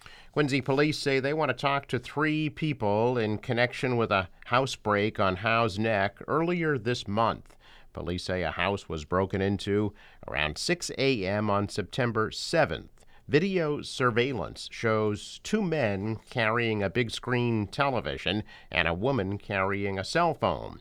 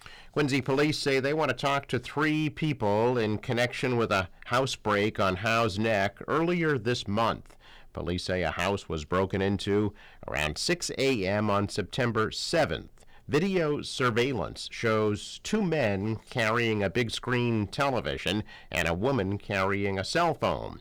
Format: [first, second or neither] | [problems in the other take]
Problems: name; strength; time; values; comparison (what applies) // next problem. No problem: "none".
first | distortion; slight; 6% of the sound clipped